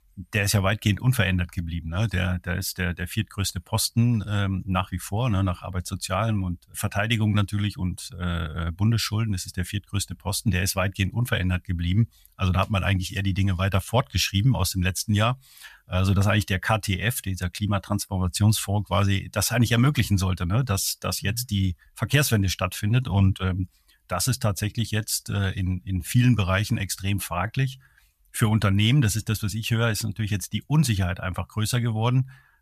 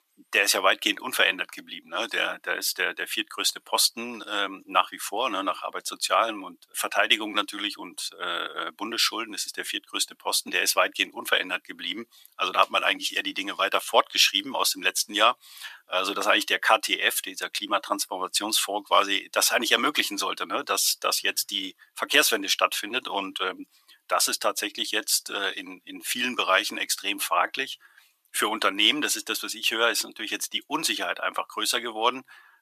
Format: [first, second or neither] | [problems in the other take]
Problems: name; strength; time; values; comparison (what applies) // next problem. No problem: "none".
first | thin; very; fading below 300 Hz